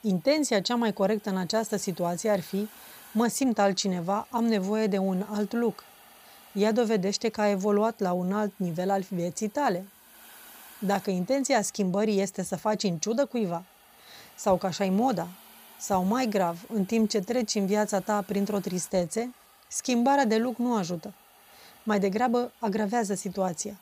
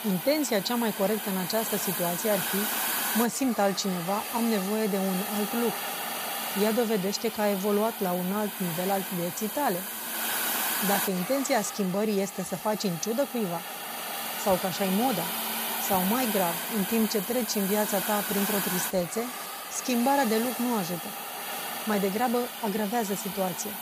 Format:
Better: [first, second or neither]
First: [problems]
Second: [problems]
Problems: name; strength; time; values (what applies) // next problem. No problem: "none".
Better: first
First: hiss; faint; throughout; 25 dB below the speech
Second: hiss; loud; throughout; 3 dB below the speech